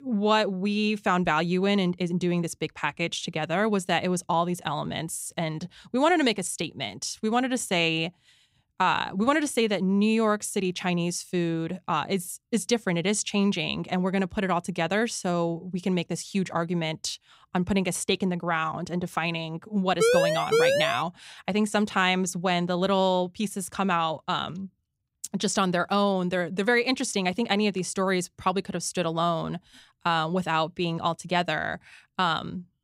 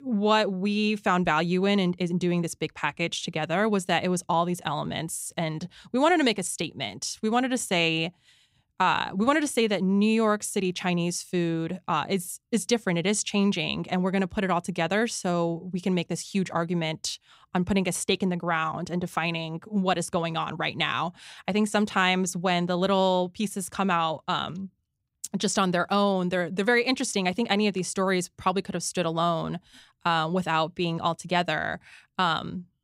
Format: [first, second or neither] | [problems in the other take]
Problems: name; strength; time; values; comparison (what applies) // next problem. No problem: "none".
second | siren; loud; from 20 to 21 s; peak 4 dB above the speech